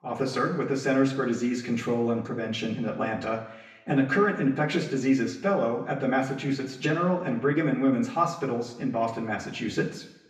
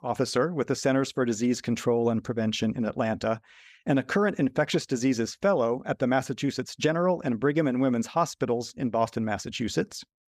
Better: second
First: room echo; slight; dies away in 0.9 s // off-mic speech; far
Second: none

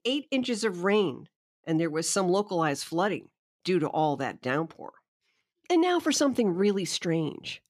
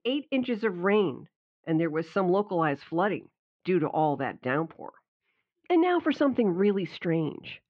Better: first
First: none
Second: muffled; very; fading above 2.5 kHz

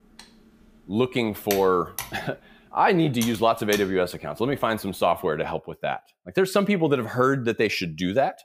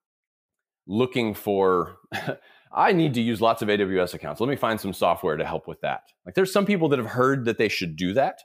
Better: second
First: keyboard typing; noticeable; until 4 s; peak 8 dB below the speech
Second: none

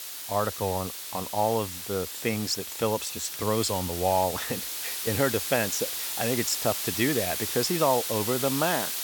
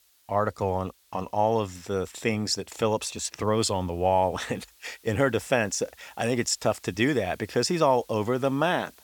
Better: second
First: hiss; loud; throughout; 3 dB below the speech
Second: hiss; faint; throughout; 30 dB below the speech

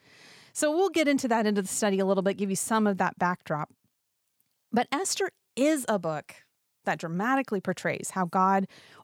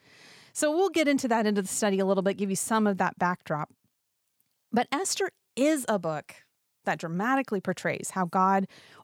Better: neither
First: none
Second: none

